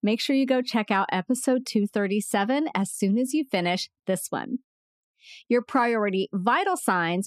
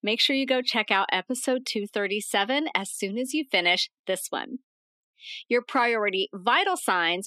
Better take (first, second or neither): first